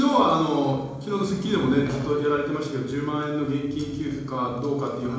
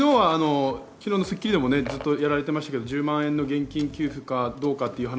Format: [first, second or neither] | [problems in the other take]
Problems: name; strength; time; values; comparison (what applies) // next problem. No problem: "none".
second | background sound (Bowed string instrument); 19 dB below the speech // room echo; dies away in 1 s